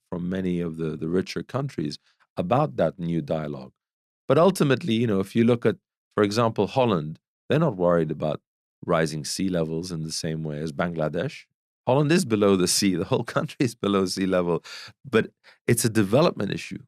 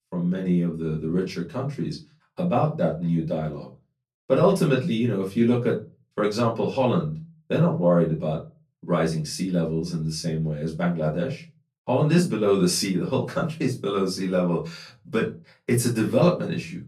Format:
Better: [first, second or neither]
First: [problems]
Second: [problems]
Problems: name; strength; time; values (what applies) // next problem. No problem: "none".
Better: first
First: none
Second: off-mic speech; far // room echo; very slight; dies away in 0.2 s